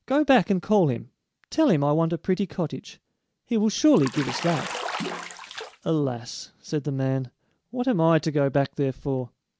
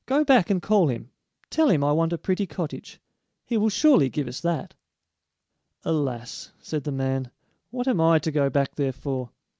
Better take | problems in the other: second | background sound (Bathtub (filling or washing) / Splash, splatter); 9 dB below the speech

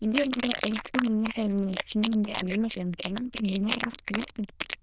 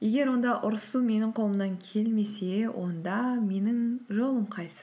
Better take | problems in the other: second | noise reduction (neural diffusion model UNIVERSE++)

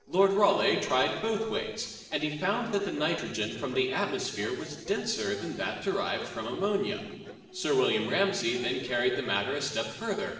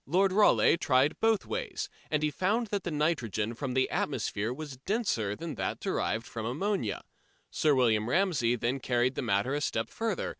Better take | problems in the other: second | noise reduction (neural separator model SepFormer DNS4)

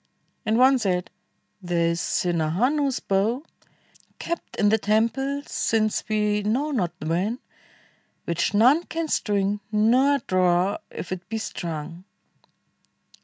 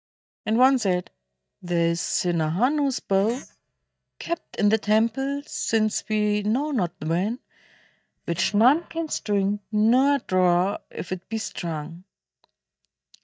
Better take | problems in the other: first | noise reduction (neural mask model DeepFilterNet 3)

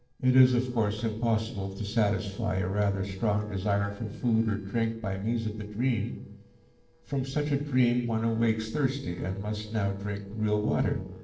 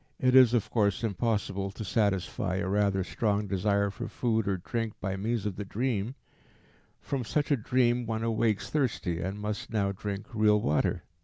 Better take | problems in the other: second | noise reduction (neural separator model SepFormer DNS4)

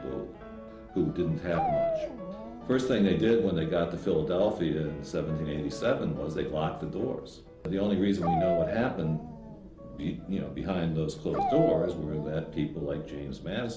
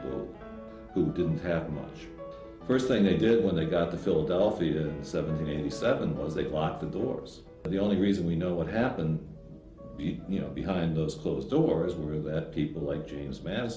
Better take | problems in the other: second | background sound (Dog); 5 dB below the speech

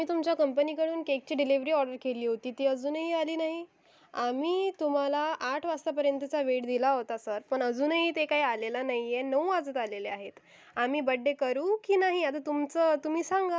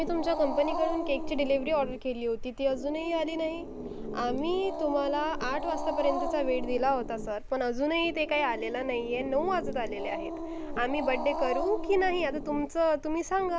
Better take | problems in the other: first | background sound (Growling); 6 dB below the speech

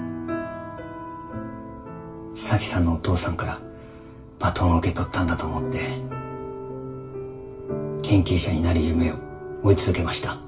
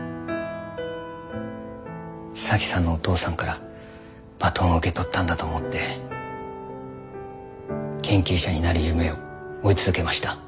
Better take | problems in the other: second | room echo; dies away in 0.2 s

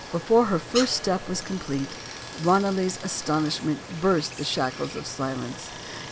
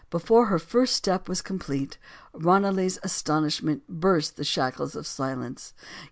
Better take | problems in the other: second | background sound (Stream); 12 dB below the speech

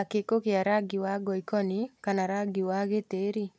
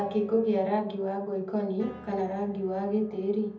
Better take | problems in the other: first | background sound (Piano); 20 dB below the speech // room echo; dies away in 0.7 s

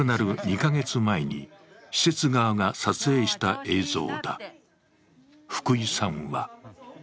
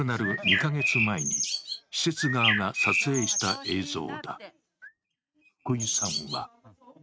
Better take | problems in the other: first | noise reduction (neural mask model RNNoise)

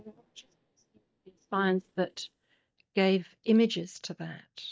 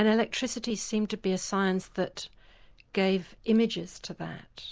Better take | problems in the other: second | noise reduction (neural mask model DeepFilterNet 3)

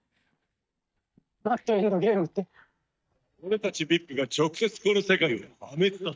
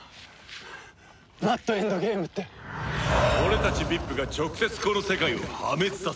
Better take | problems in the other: second | noise reduction (neural mask model DeepFilterNet 3)

